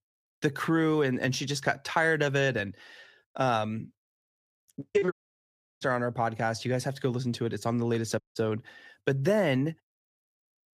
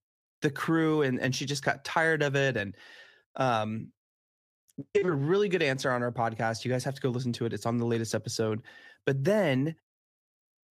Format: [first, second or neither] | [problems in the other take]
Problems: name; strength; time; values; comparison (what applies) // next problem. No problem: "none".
second | audio cutting out; at 5 s for 0.5 s and at 8 s